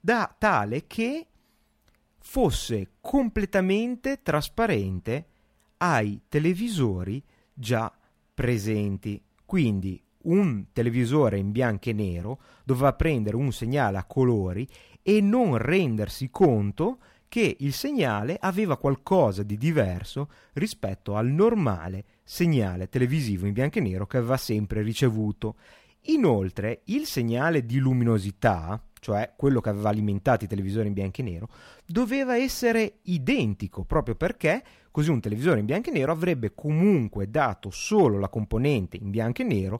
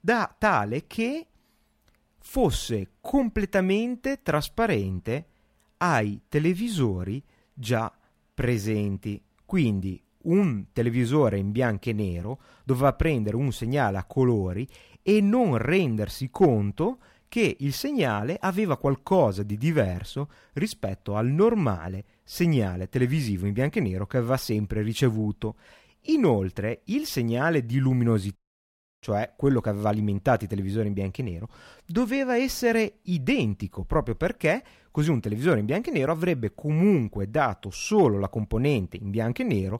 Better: first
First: none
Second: audio cutting out; at 28 s for 0.5 s

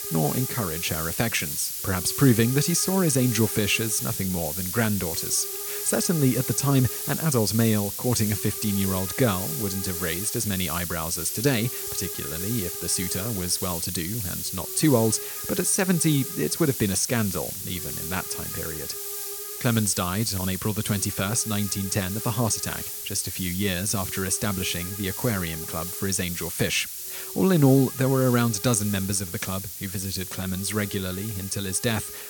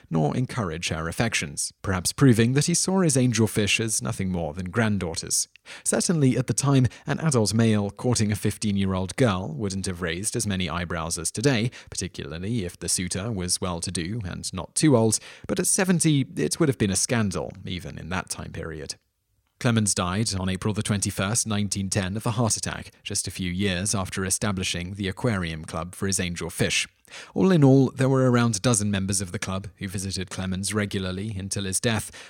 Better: second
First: hiss; loud; throughout; 5 dB below the speech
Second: none

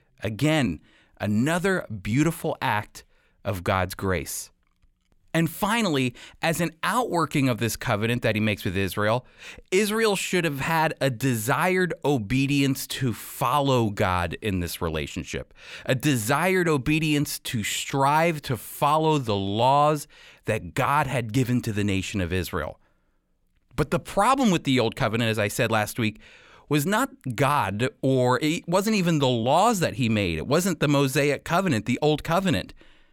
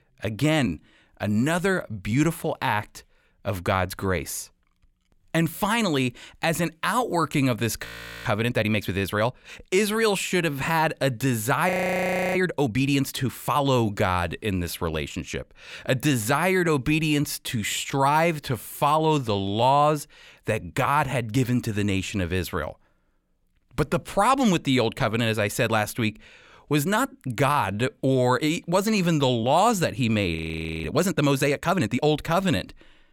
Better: first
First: none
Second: audio freezing; at 8 s, at 12 s for 0.5 s and at 30 s

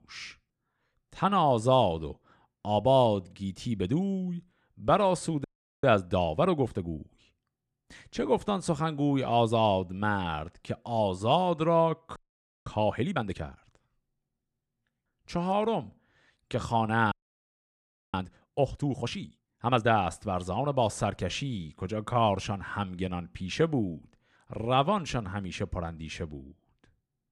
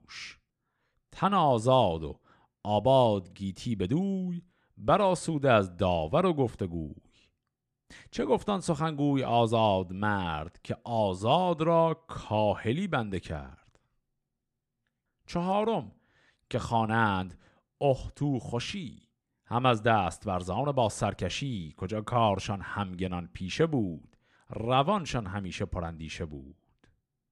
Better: second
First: audio freezing; at 5.5 s, at 12 s for 0.5 s and at 17 s for 1 s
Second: none

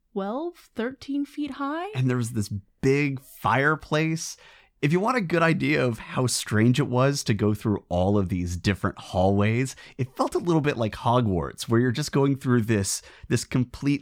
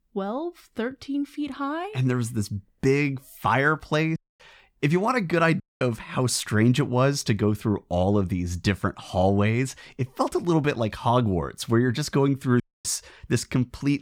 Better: first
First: none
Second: audio cutting out; at 4 s, at 5.5 s and at 13 s

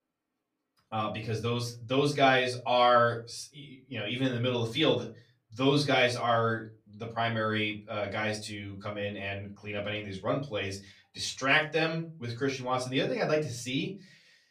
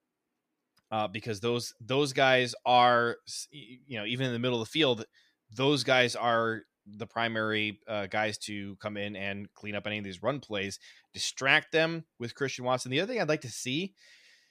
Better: second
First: off-mic speech; far // room echo; very slight; dies away in 0.3 s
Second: none

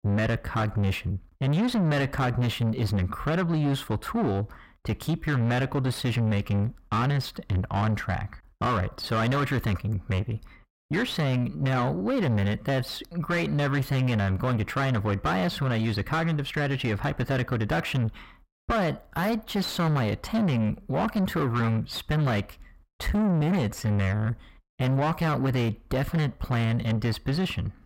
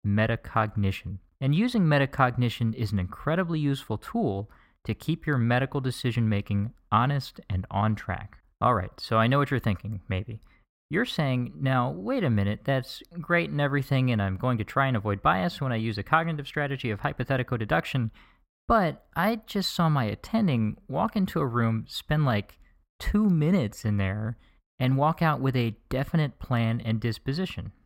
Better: second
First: distortion; heavy; 7 dB below the speech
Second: none

